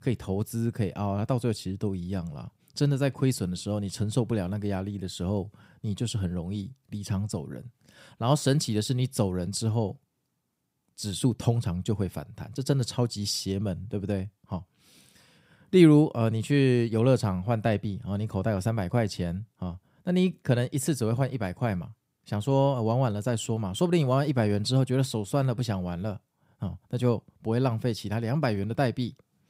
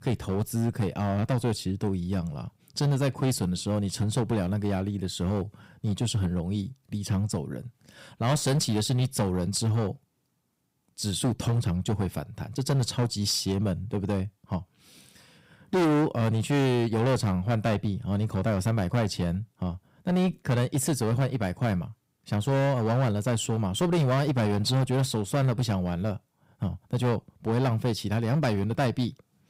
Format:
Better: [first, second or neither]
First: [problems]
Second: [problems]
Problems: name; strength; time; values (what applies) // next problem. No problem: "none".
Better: first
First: none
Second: distortion; heavy; 11% of the sound clipped